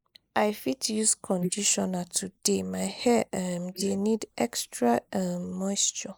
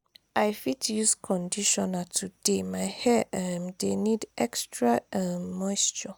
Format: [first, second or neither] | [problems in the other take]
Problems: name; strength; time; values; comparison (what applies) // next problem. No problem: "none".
second | noise reduction (neural mask model Resemble Enhance denoiser)